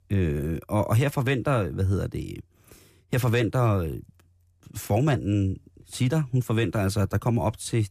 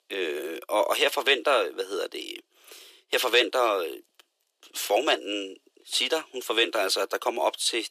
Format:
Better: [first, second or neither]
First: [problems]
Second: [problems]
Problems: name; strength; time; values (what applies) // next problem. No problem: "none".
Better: first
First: none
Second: thin; very; fading below 400 Hz